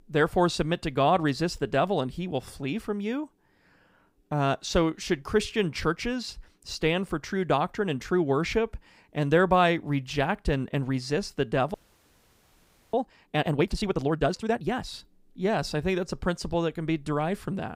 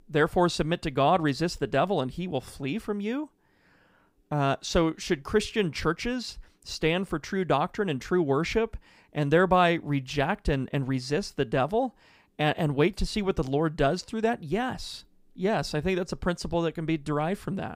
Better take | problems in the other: second | audio freezing; at 12 s for 1 s

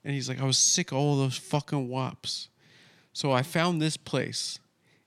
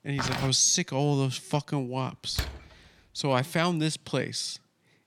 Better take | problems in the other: first | footsteps; noticeable; at the start; peak 5 dB below the speech // door banging; noticeable; at 2.5 s; peak 8 dB below the speech

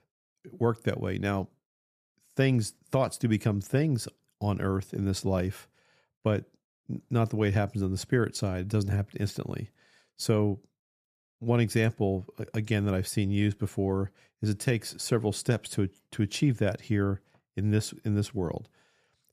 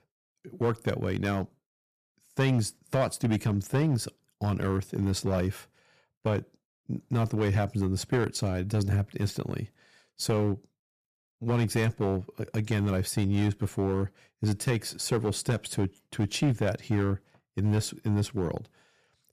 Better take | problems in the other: first | distortion; slight; 4% of the sound clipped

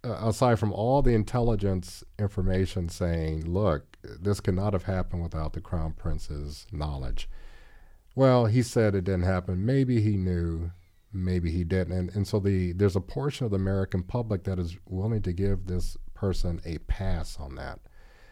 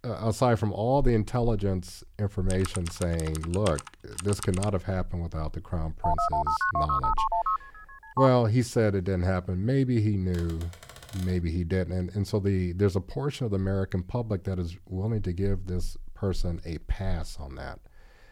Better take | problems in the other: first | keyboard typing; noticeable; from 2.5 to 4.5 s; peak 8 dB below the speech // phone ringing; loud; from 6 to 8.5 s; peak 3 dB above the speech // keyboard typing; faint; from 10 to 11 s; peak 15 dB below the speech

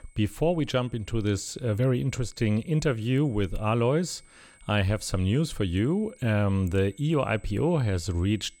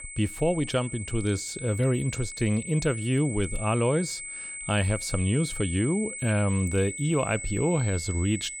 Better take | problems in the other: first | high-pitched whine; loud; throughout; 8 kHz, 8 dB below the speech; faint in the first

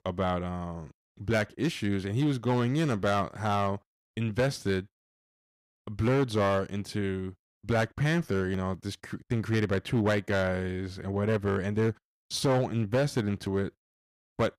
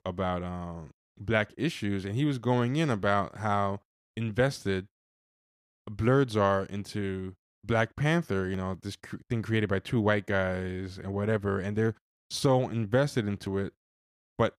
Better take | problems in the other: second | distortion; slight; 4% of the sound clipped

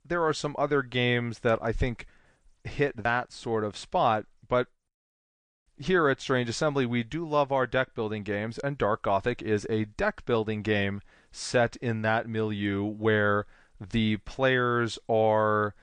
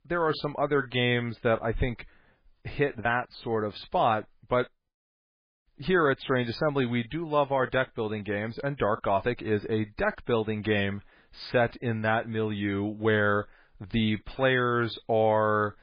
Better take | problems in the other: first | garbled, watery; badly; nothing above 5 kHz; slightly in the first

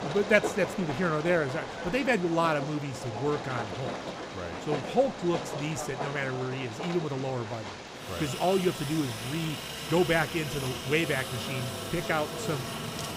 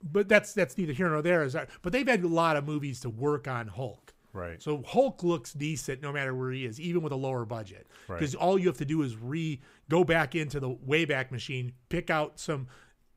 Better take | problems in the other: second | train or aircraft noise; loud; throughout; 6 dB below the speech

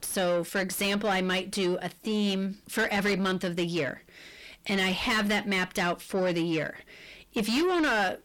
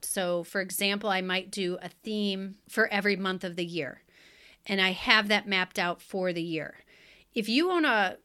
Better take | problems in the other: second | distortion; heavy; 5 dB below the speech

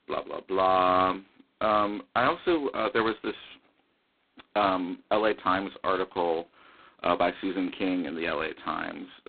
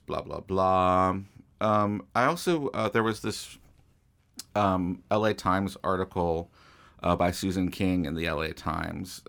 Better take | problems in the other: second | phone-call audio; poor line; nothing above 4 kHz

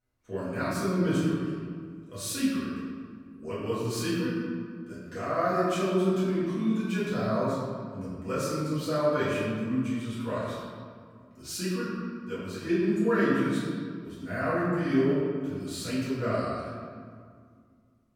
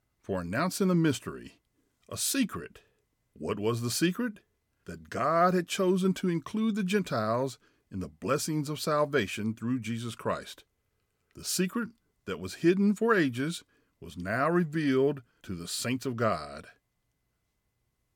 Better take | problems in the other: second | off-mic speech; far // room echo; strong; dies away in 1.8 s

